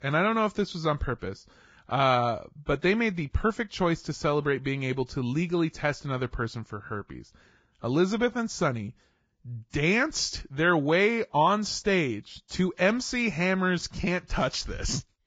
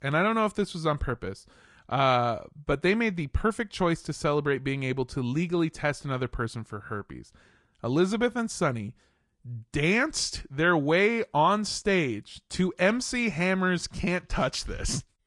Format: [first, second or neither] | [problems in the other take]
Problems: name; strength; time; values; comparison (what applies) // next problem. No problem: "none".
second | garbled, watery; badly; nothing above 7.5 kHz; slightly in the second